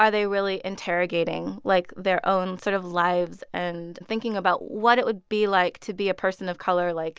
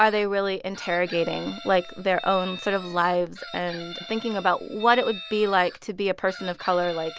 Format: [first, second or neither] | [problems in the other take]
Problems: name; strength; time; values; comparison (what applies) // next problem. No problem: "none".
first | background sound (Chicken, rooster); 16 dB below the speech